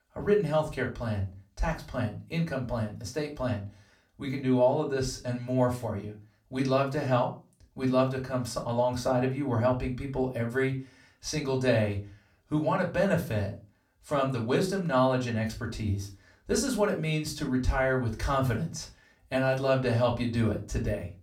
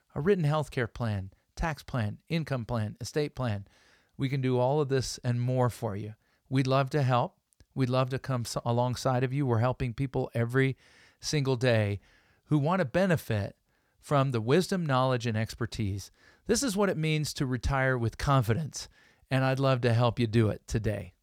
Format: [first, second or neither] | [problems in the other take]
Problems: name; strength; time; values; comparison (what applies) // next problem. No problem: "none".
second | off-mic speech; far // room echo; very slight; dies away in 0.3 s